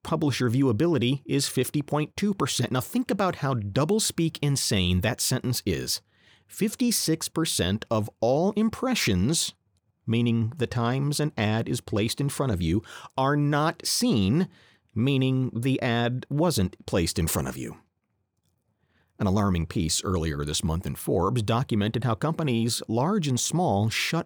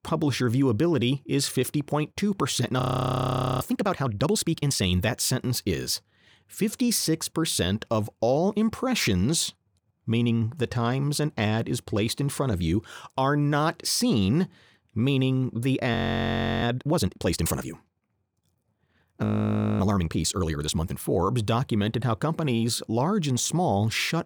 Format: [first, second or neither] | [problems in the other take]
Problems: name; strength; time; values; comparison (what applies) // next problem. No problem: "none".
first | audio freezing; at 3 s for 1 s, at 16 s for 0.5 s and at 19 s for 0.5 s